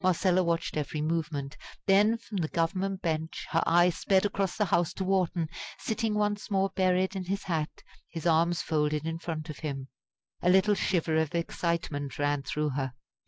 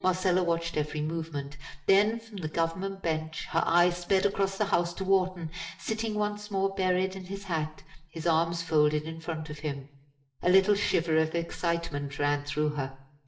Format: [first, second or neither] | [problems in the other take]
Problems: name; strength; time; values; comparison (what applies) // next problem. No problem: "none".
first | room echo; dies away in 0.5 s